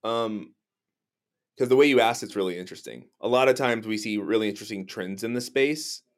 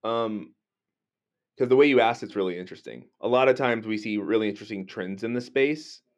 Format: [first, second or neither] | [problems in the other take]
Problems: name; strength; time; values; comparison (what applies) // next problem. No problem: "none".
first | muffled; slightly; fading above 3.5 kHz